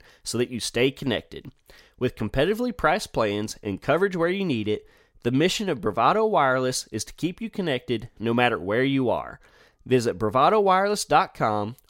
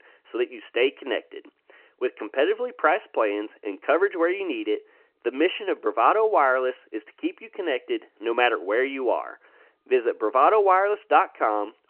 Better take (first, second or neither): first